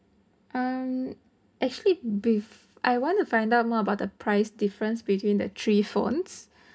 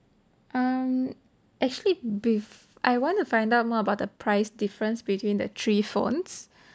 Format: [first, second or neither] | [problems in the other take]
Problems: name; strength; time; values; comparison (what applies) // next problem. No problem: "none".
second | room echo; dies away in 0.3 s